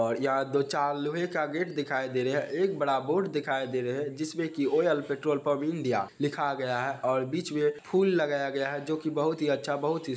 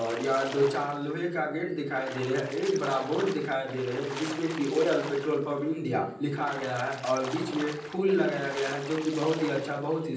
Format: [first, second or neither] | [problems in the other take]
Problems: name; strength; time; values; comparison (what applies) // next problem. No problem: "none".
first | background sound (Splash, splatter); 12 dB below the speech // room echo; dies away in 0.6 s